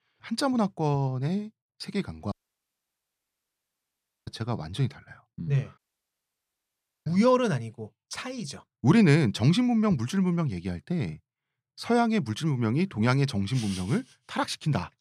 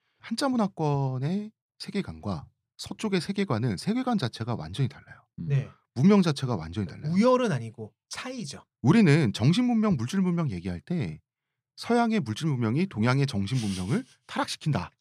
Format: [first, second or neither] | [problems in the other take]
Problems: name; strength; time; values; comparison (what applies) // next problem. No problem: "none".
second | audio cutting out; at 2.5 s for 2 s and at 6 s for 1.5 s